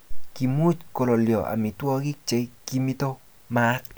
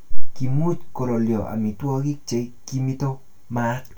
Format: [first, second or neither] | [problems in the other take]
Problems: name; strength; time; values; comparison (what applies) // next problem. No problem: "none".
first | room echo; dies away in 0.2 s